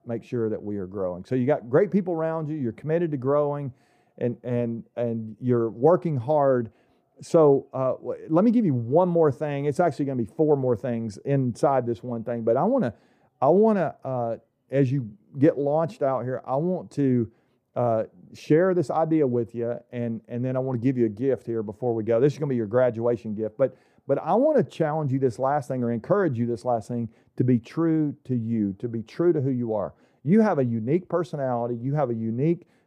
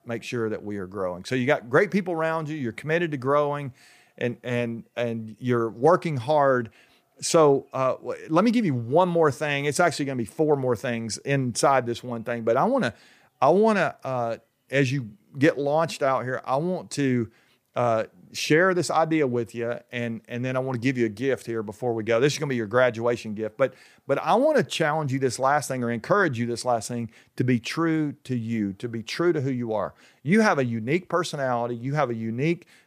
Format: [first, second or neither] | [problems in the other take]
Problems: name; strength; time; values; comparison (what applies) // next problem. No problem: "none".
second | muffled; slightly; fading above 1 kHz